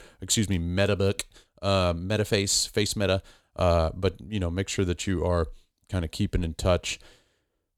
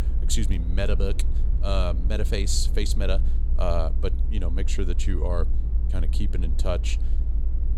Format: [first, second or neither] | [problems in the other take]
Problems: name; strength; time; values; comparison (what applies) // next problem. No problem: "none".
first | low rumble; noticeable; throughout; 15 dB below the speech